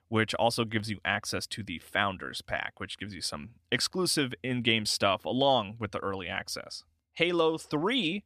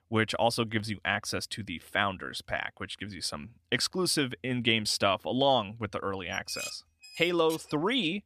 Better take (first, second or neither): first